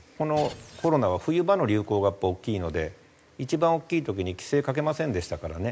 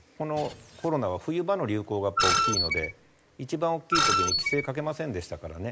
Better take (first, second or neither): first